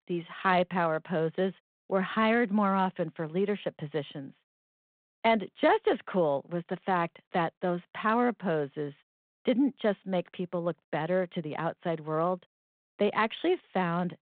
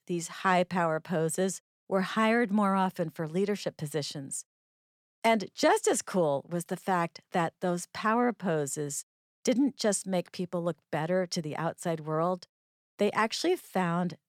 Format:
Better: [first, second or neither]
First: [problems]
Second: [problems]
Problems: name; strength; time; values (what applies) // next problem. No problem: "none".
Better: second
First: phone-call audio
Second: none